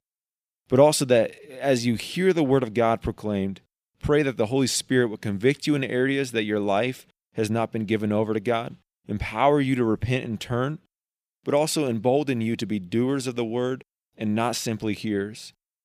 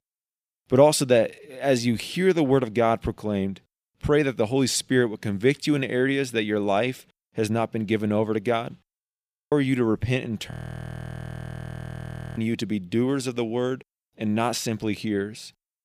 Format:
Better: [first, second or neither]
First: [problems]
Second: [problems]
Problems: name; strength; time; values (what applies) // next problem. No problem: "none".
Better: first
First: none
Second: audio freezing; at 9 s for 0.5 s and at 11 s for 2 s